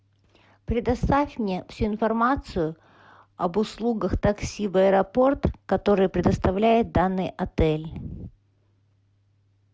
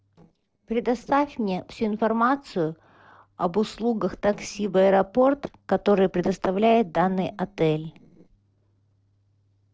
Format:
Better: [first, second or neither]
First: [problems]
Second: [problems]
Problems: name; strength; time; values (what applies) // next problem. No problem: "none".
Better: first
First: none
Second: noise reduction (neural separator model SepFormer DNS4)